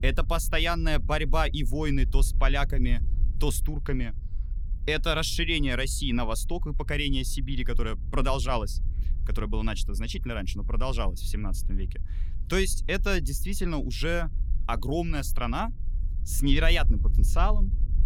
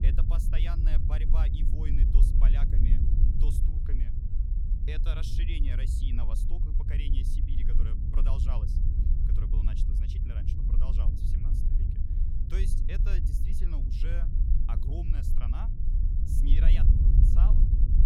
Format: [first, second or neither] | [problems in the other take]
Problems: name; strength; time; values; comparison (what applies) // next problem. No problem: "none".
first | low rumble; loud; throughout; 1 dB below the speech; faint in the first